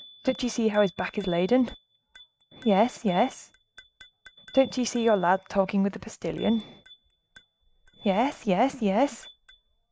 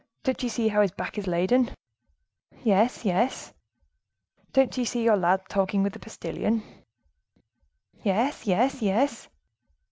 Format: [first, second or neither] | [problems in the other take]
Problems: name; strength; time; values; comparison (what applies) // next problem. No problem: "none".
second | noise reduction (neural mask model RNNoise)